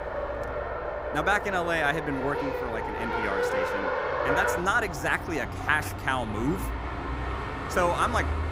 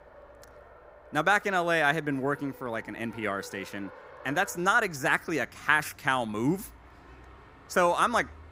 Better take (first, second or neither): second